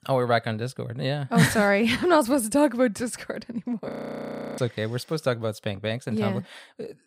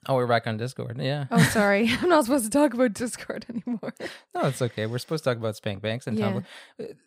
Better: second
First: audio freezing; at 4 s for 0.5 s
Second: none

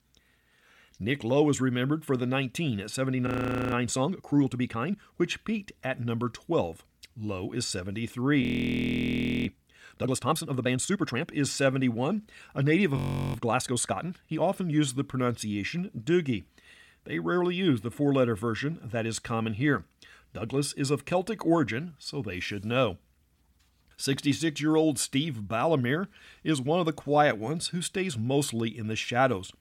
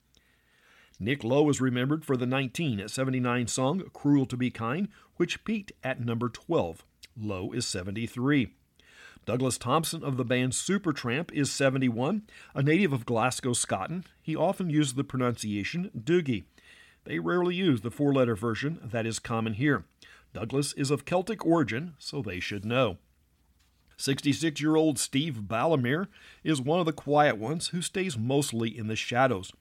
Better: second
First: audio freezing; at 3.5 s, at 8.5 s for 1 s and at 13 s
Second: none

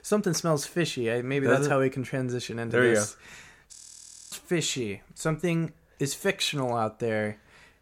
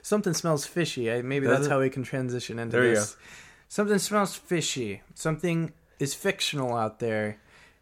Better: second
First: audio freezing; at 3.5 s for 0.5 s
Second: none

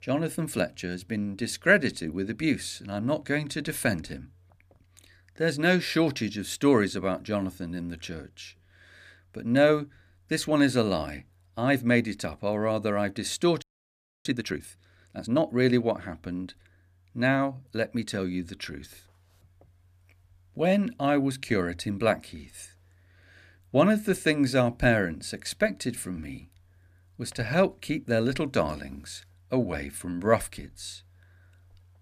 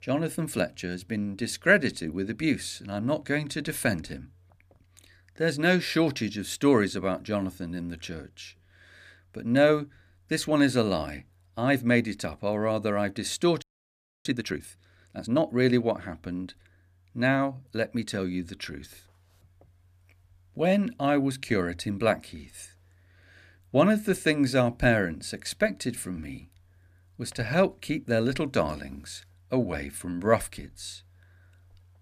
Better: neither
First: audio freezing; at 14 s for 0.5 s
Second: audio freezing; at 14 s for 0.5 s

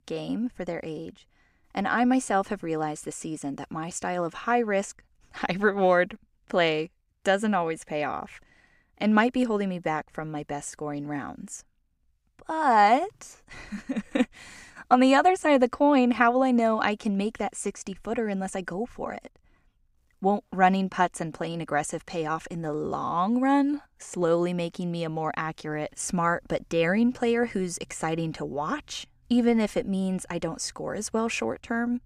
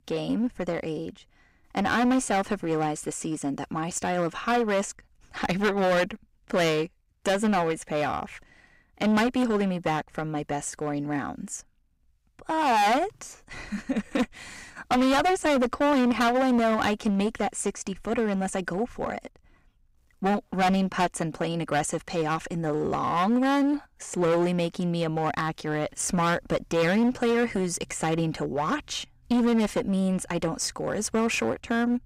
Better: first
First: none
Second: distortion; heavy; 13% of the sound clipped

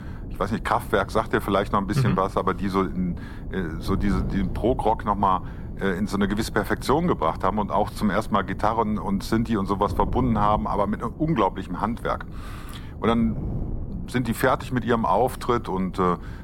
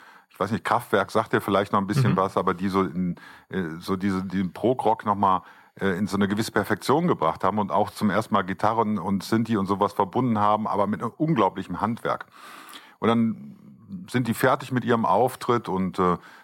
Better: second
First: wind noise on the microphone; occasional gusts; 20 dB below the speech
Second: none

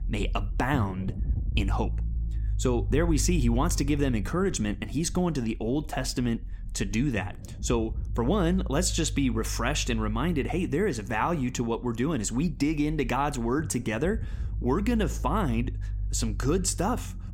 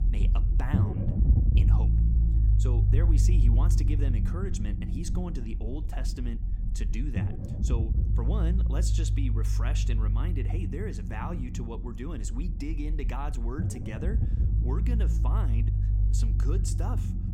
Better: first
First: low rumble; faint; throughout; 20 dB below the speech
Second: low rumble; loud; throughout; 2 dB below the speech

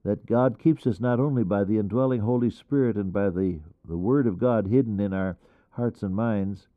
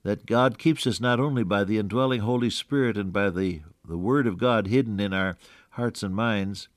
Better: second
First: muffled; very; fading above 1.5 kHz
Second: none

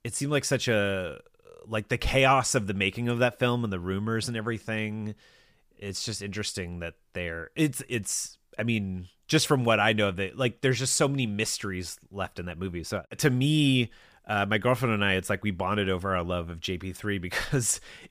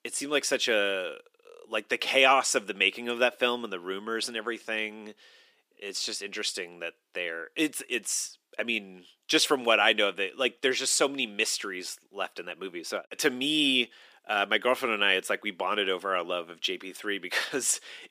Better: first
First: none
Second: thin; somewhat; fading below 300 Hz

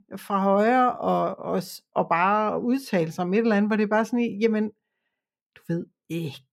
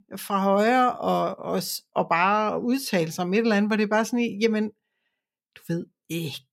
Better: second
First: muffled; slightly; fading above 2.5 kHz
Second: none

